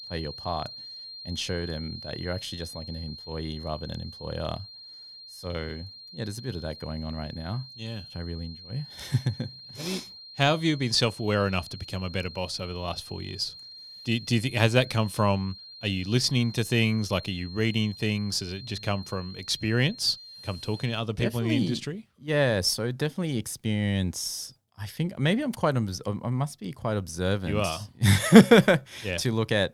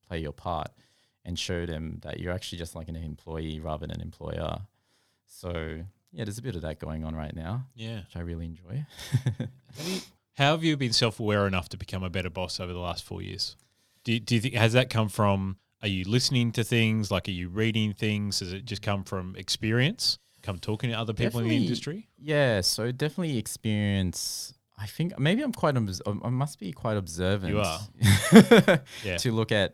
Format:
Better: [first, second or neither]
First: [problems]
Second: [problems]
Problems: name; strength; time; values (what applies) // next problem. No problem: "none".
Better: second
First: high-pitched whine; noticeable; until 21 s; 4 kHz, 15 dB below the speech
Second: none